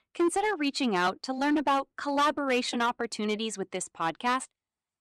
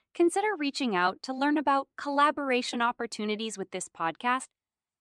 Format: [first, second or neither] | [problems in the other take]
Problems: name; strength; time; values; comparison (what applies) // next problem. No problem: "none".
second | distortion; slight; 6% of the sound clipped